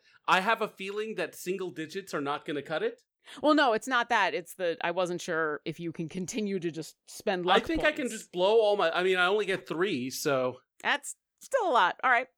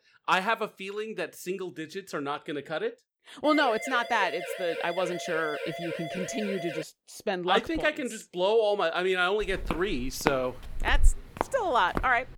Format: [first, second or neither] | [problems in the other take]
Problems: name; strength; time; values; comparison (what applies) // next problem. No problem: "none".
first | siren; noticeable; from 3.5 to 7 s; peak 5 dB below the speech // footsteps; noticeable; from 9.5 s on; peak level with the speech